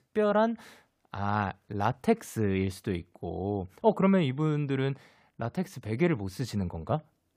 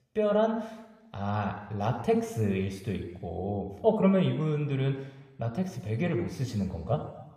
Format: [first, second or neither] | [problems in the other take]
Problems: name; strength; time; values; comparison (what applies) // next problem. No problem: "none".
first | room echo; slight; dies away in 0.9 s